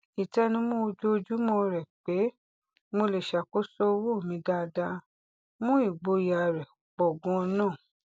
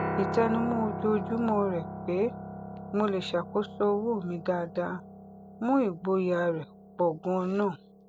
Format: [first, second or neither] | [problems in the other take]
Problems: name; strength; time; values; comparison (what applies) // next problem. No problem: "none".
first | background sound (Piano); 9 dB below the speech